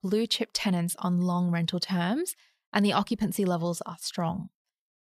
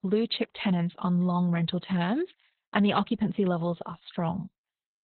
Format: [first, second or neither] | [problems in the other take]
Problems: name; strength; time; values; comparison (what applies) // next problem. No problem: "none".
first | garbled, watery; badly; nothing above 4 kHz